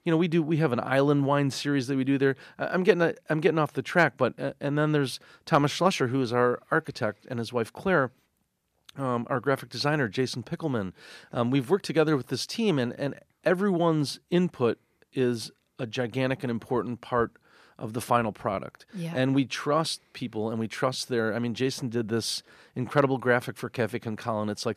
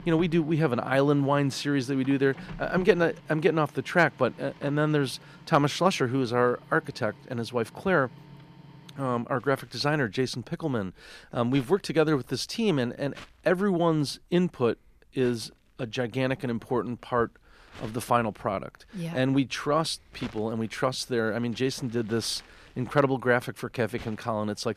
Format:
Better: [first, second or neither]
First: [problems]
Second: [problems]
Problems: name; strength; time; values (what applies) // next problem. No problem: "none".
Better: first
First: none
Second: household noises; faint; throughout; 20 dB below the speech